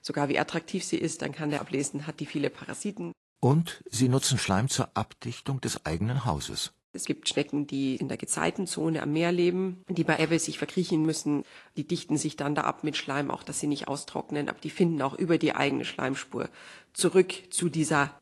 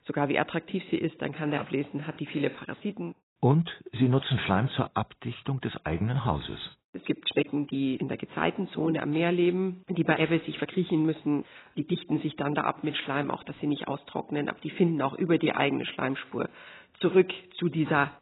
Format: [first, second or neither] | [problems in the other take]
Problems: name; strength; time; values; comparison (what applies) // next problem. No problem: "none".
first | garbled, watery; badly; nothing above 4 kHz; slightly in the first